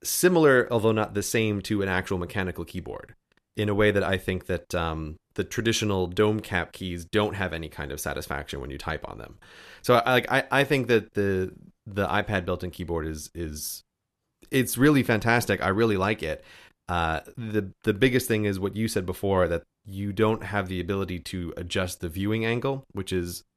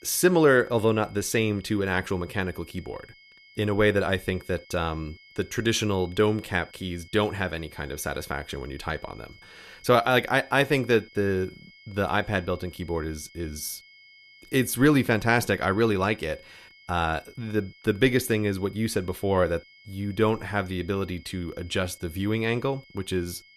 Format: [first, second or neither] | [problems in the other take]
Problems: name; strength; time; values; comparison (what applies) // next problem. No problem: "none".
first | high-pitched whine; faint; throughout; 2 kHz, 25 dB below the speech